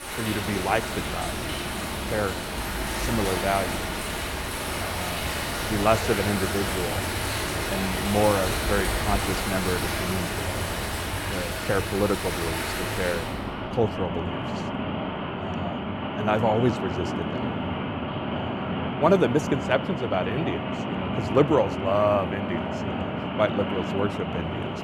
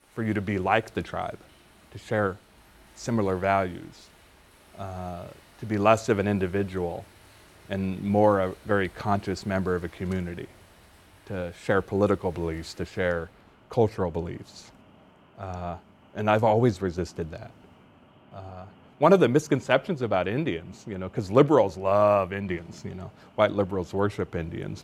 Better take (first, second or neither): second